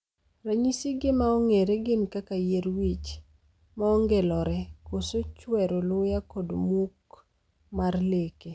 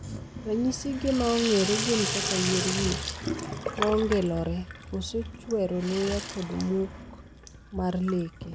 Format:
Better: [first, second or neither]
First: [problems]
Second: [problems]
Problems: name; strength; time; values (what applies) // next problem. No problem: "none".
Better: first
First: none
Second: background sound (Sink (filling or washing) / Water tap, faucet); 6 dB below the speech